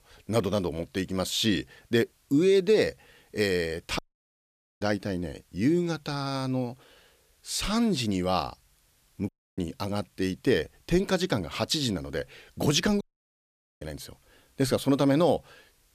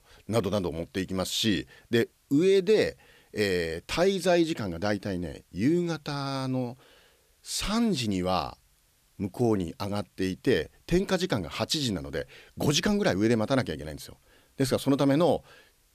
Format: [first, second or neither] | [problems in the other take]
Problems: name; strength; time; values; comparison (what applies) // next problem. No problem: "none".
second | audio cutting out; at 4 s for 1 s, at 9.5 s and at 13 s for 1 s